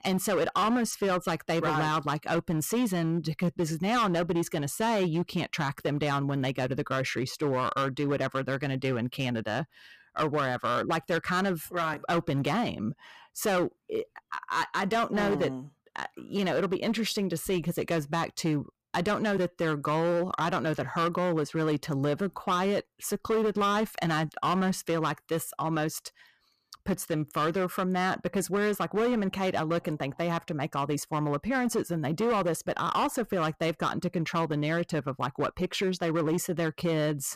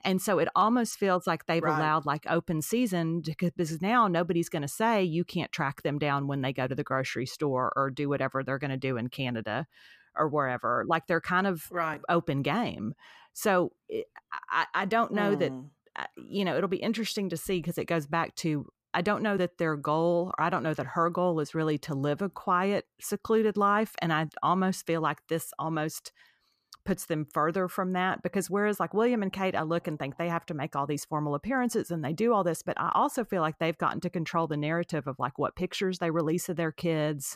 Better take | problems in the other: second | distortion; slight; 11% of the sound clipped

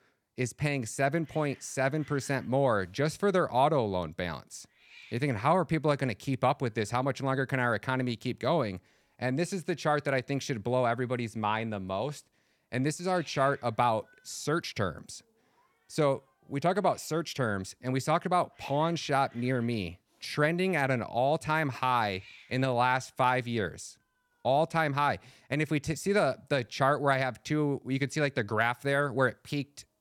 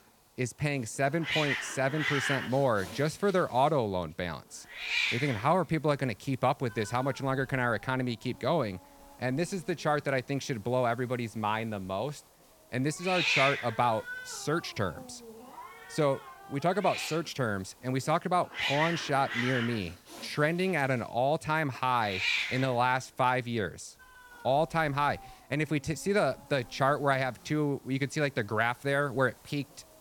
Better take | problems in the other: first | hiss; loud; throughout; 3 dB below the speech; faint in the first

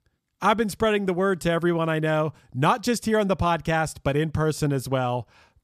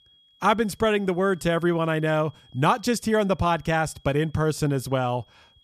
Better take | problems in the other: first | high-pitched whine; faint; throughout; 3.5 kHz, 30 dB below the speech

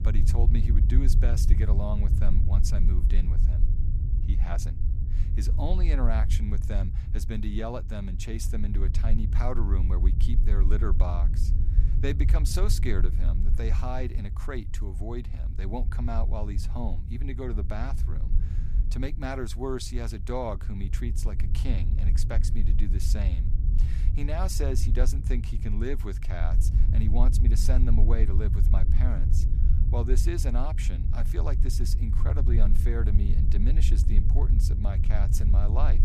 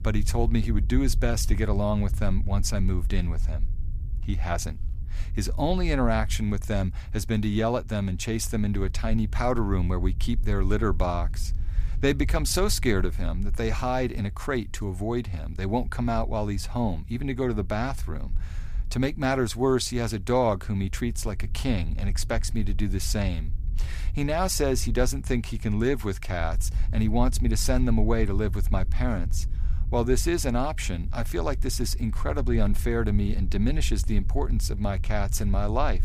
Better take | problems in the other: second | low rumble; loud; throughout; 7 dB below the speech; faint in the second

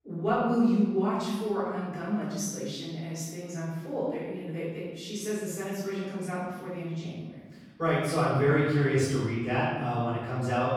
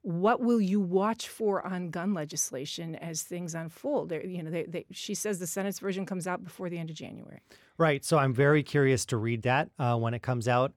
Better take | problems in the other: second | off-mic speech; far // room echo; strong; dies away in 1.2 s

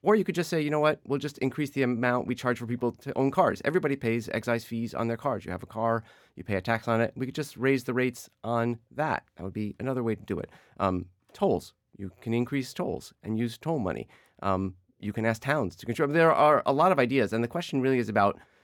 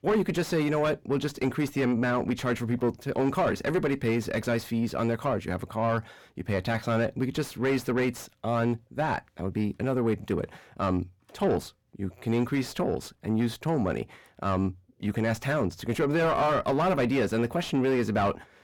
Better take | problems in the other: first | distortion; heavy; 6 dB below the speech

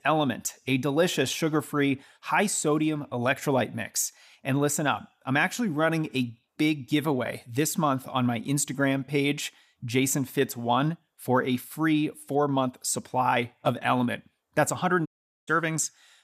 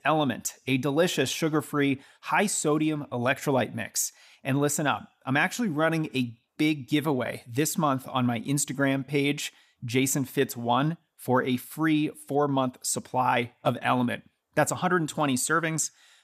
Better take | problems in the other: second | audio cutting out; at 15 s

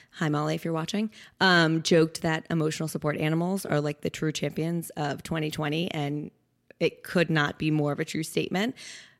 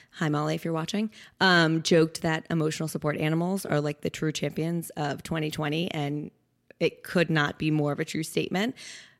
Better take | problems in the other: neither | none

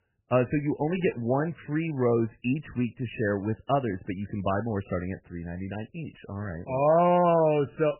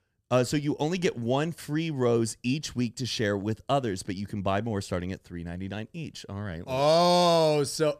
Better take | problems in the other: second | garbled, watery; badly; nothing above 3 kHz

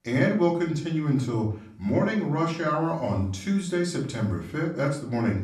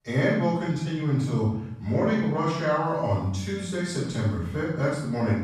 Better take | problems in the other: first | room echo; strong; dies away in 0.7 s; slight in the first // off-mic speech; far; far in the first

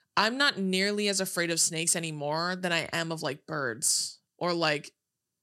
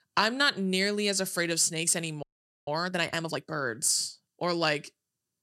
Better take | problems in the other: first | audio freezing; at 2 s

